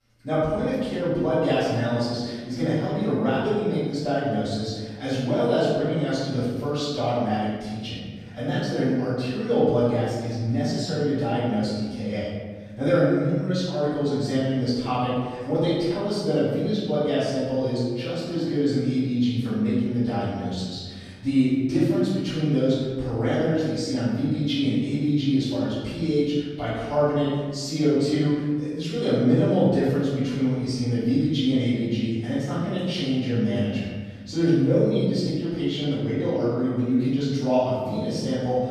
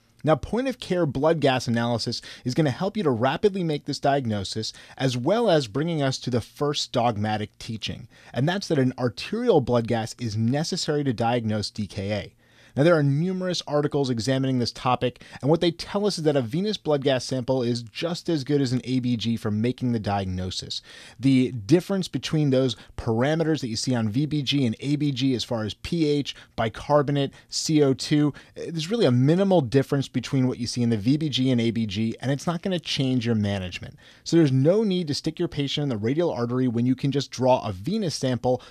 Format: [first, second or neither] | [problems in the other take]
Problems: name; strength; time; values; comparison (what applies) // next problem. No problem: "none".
second | room echo; strong; dies away in 1.5 s // off-mic speech; far